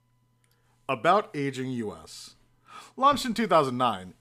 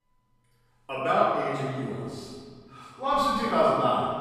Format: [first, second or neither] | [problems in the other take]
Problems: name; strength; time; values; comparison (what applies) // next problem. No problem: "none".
first | off-mic speech; far // room echo; strong; dies away in 1.7 s